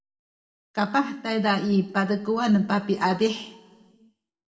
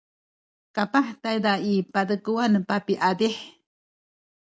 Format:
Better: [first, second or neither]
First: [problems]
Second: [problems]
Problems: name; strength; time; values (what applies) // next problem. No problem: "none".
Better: second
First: room echo; dies away in 0.9 s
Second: none